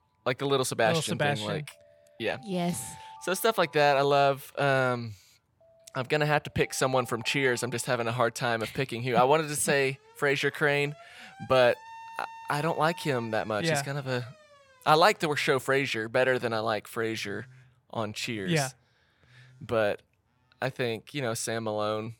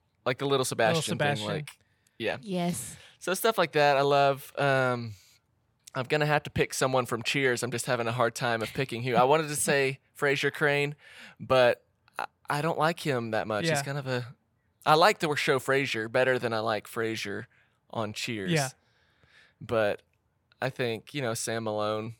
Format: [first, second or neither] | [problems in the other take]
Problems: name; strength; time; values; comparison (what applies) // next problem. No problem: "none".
second | alarms or sirens; faint; throughout; 25 dB below the speech